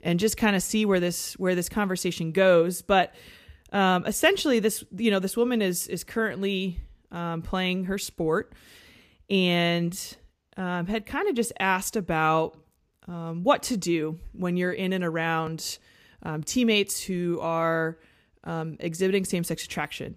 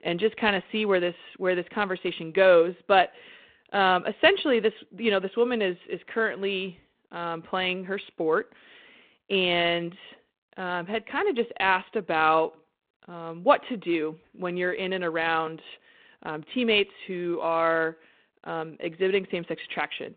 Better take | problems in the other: first | phone-call audio

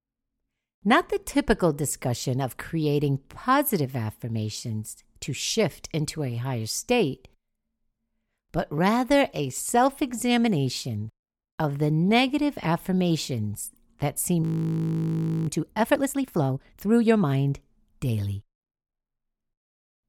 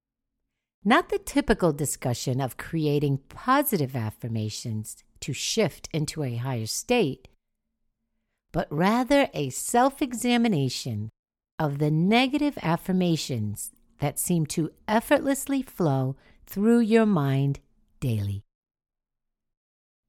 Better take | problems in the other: second | audio freezing; at 14 s for 1 s

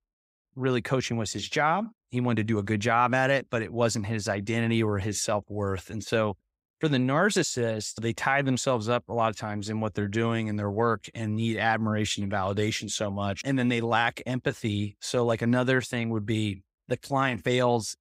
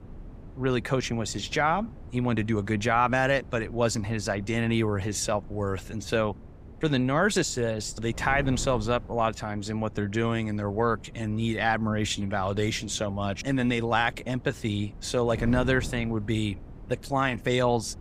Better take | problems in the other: first | wind noise on the microphone; occasional gusts; 25 dB below the speech

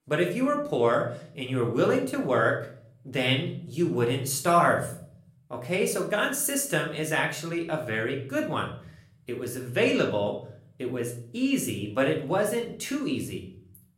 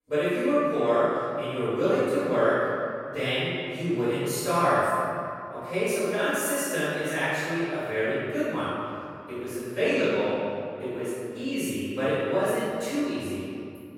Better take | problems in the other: first | room echo; strong; dies away in 2.2 s; slight in the first // off-mic speech; far; somewhat distant in the first

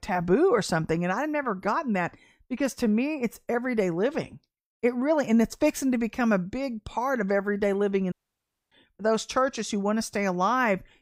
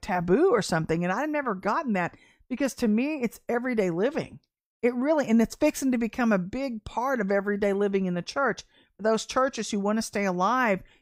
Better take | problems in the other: second | audio cutting out; at 8 s for 0.5 s

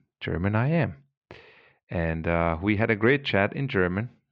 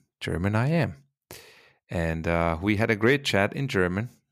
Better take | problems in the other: second | muffled; slightly; fading above 3.5 kHz

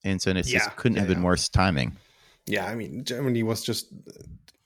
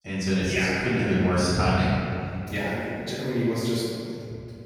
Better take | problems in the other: first | off-mic speech; far // room echo; strong; dies away in 2.5 s

